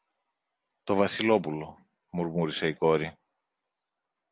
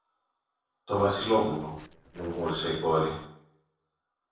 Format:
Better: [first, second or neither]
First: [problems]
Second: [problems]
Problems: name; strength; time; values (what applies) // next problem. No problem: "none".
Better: first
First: none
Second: noise reduction (neural separator model SepFormer DNS4)